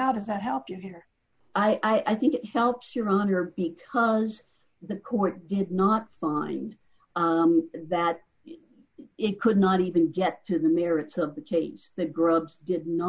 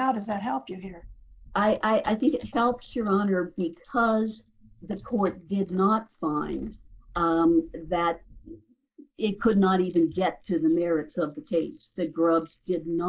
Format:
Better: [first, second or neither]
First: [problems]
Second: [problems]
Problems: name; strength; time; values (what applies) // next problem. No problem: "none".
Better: first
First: none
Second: noise reduction (neural mask model Resemble Enhance denoiser)